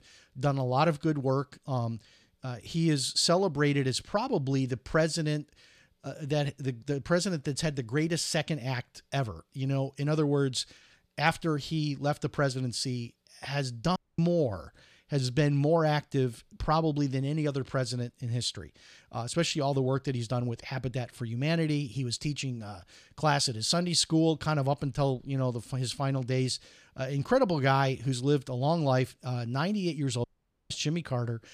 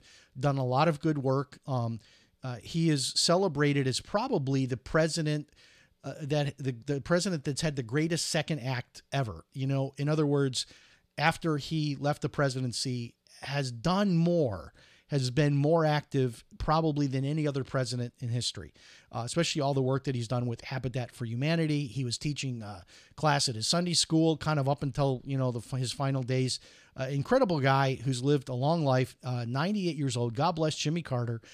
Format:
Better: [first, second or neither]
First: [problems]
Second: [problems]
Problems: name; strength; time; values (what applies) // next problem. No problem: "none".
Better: second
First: audio cutting out; at 14 s and at 30 s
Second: none